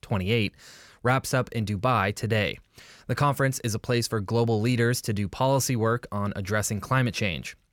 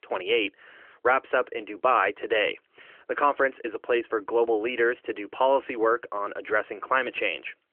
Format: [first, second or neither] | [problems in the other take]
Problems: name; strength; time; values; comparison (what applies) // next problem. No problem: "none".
first | phone-call audio; nothing above 3 kHz